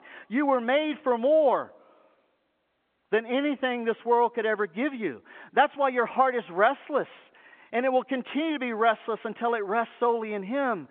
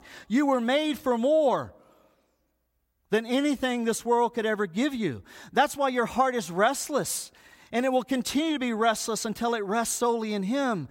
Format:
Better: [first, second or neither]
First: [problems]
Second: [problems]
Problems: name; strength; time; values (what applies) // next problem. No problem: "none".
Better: second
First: phone-call audio; nothing above 3.5 kHz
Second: none